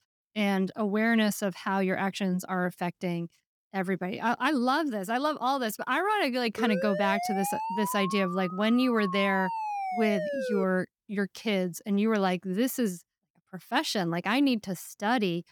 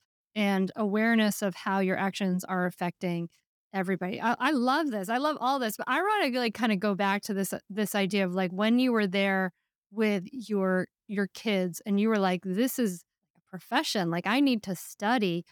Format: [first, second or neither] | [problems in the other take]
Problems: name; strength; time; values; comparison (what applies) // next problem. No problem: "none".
second | siren; noticeable; from 6.5 to 11 s; peak 4 dB below the speech